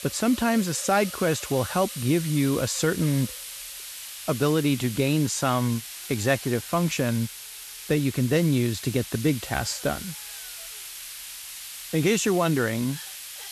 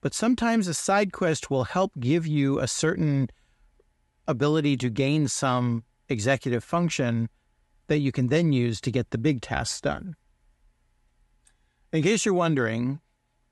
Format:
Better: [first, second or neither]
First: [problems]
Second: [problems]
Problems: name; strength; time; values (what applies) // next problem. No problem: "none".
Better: second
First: hiss; noticeable; throughout; 10 dB below the speech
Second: none